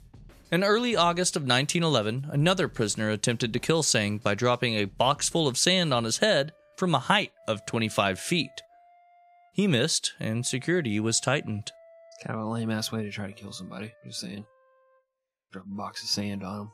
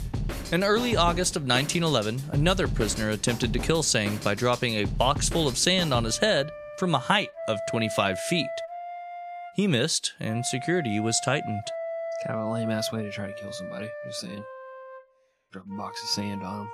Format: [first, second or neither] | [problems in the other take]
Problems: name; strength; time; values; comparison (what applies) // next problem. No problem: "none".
first | background music; loud; throughout; 10 dB below the speech; faint in the first